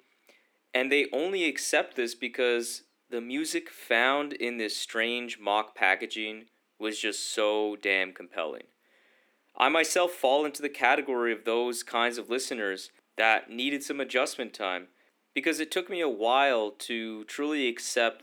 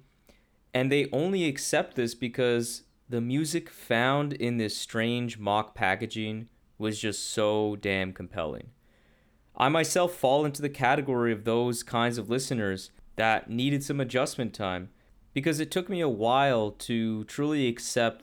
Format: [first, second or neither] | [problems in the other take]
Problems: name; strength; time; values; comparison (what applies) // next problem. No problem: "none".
second | thin; somewhat; fading below 300 Hz